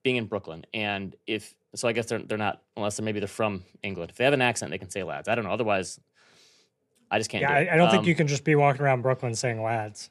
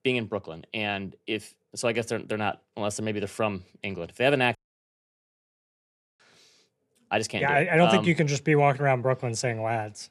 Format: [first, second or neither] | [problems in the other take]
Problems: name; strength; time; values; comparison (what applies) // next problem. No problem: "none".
first | audio cutting out; at 4.5 s for 1.5 s